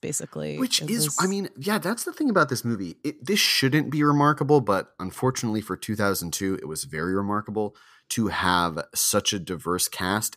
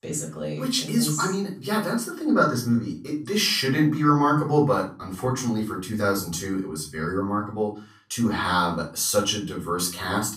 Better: first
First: none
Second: off-mic speech; far // room echo; slight; dies away in 0.3 s

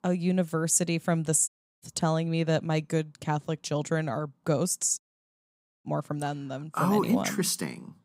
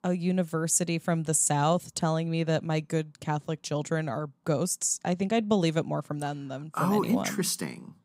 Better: second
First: audio cutting out; at 1.5 s and at 5 s for 1 s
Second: none

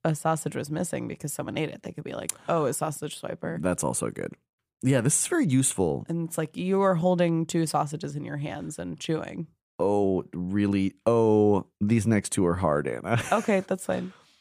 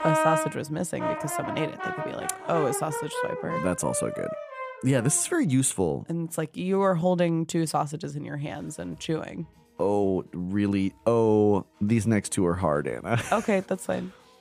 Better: first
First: none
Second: background music; loud; throughout; 5 dB below the speech

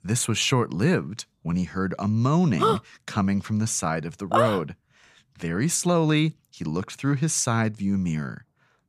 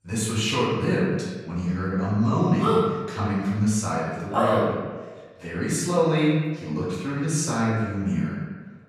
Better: first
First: none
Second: off-mic speech; far // room echo; strong; dies away in 1.2 s

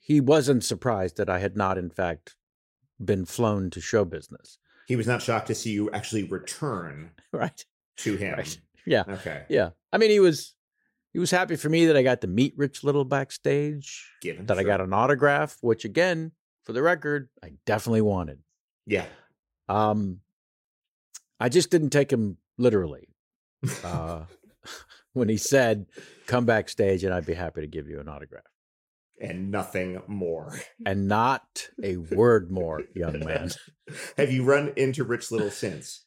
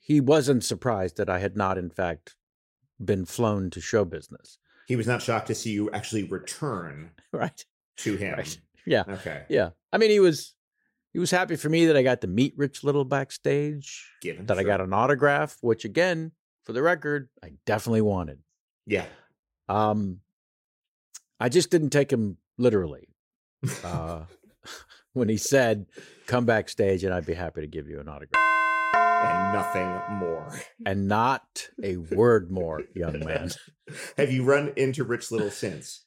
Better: first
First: none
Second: doorbell; loud; from 28 to 30 s; peak 5 dB above the speech

